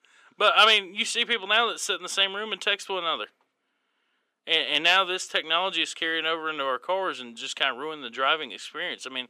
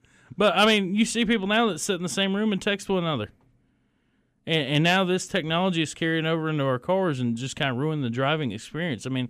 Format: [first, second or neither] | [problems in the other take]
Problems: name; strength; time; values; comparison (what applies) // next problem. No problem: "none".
second | thin; very; fading below 400 Hz